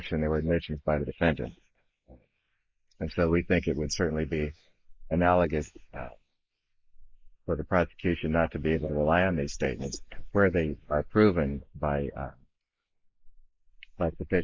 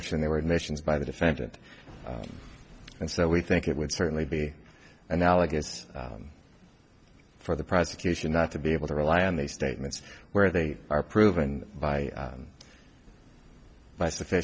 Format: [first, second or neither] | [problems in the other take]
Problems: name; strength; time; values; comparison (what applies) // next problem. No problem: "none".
second | noise reduction (neural mask model Resemble Enhance denoiser)